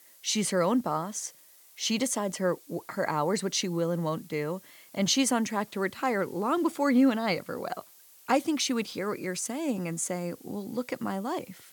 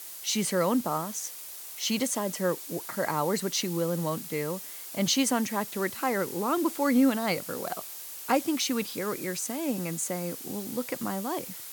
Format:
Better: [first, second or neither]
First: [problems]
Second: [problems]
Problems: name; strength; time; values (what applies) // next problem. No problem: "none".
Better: first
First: hiss; faint; throughout; 25 dB below the speech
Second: hiss; loud; throughout; 9 dB below the speech